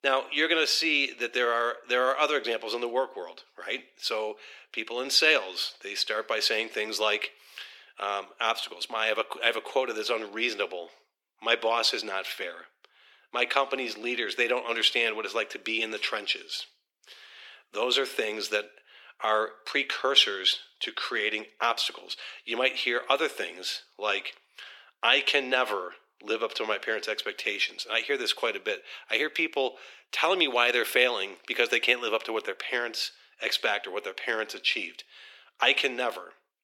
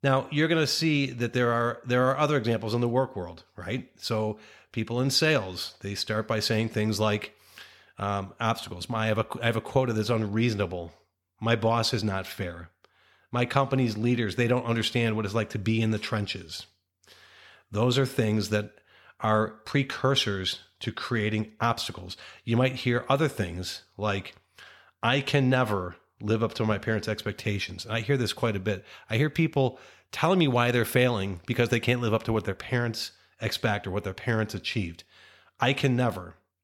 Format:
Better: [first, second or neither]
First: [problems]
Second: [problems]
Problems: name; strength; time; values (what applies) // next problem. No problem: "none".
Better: second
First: thin; very; fading below 350 Hz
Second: none